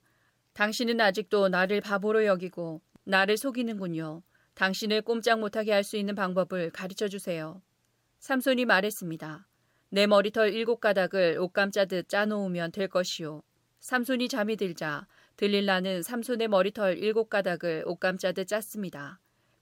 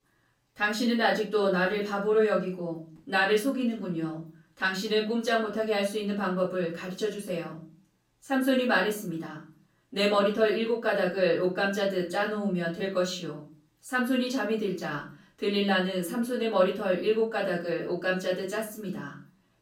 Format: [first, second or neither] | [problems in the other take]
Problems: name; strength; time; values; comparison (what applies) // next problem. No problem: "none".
first | off-mic speech; far // room echo; slight; dies away in 0.4 s